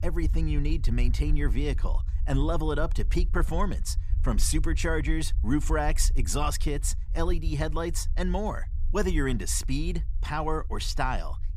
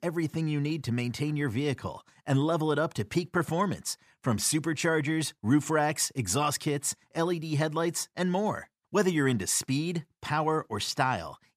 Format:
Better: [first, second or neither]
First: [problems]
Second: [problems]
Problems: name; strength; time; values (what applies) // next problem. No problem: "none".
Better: second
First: low rumble; faint; throughout; 20 dB below the speech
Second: none